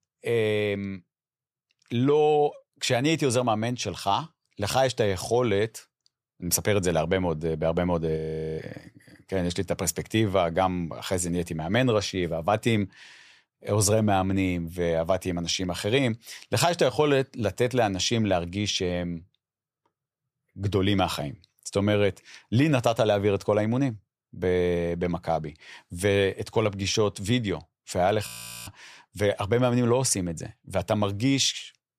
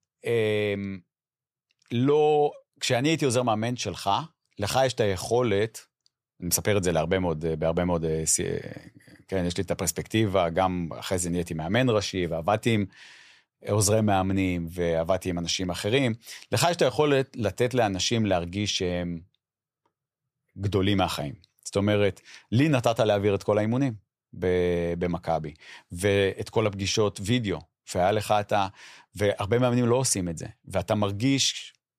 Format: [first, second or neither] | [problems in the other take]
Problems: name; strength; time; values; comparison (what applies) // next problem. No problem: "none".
second | audio freezing; at 8 s and at 28 s